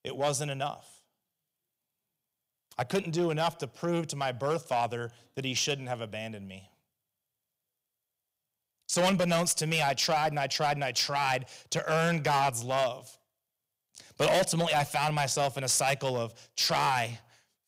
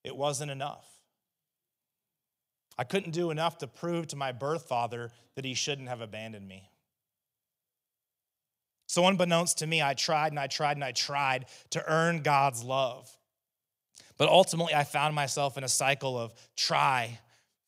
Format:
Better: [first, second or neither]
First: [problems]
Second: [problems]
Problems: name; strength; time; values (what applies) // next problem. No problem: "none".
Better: second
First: distortion; heavy; 5% of the sound clipped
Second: none